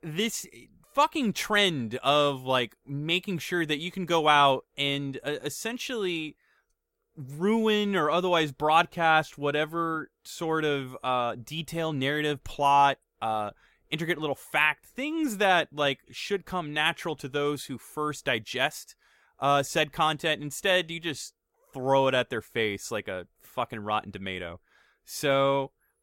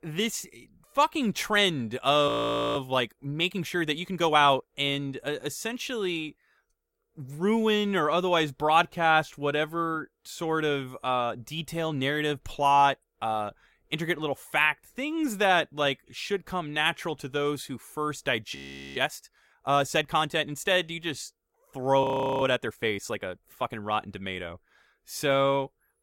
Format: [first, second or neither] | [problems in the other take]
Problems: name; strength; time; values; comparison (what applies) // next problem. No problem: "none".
first | audio freezing; at 2.5 s, at 19 s and at 22 s